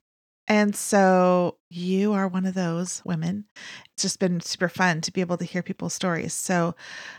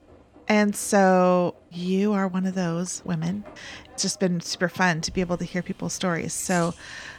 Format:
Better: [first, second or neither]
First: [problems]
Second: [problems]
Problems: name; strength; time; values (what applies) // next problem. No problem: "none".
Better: first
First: none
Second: animal sounds; faint; throughout; 25 dB below the speech